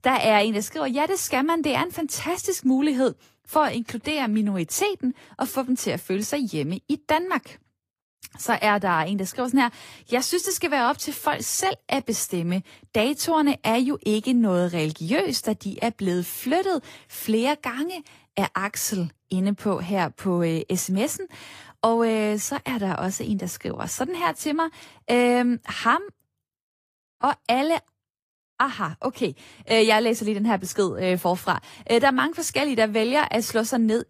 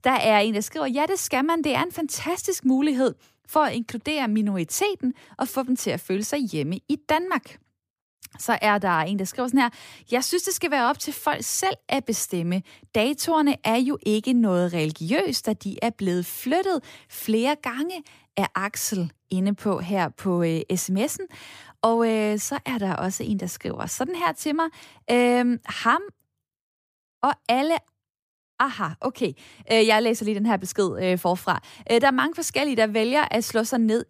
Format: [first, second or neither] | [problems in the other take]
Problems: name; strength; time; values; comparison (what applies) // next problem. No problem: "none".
second | garbled, watery; slightly; nothing above 15 kHz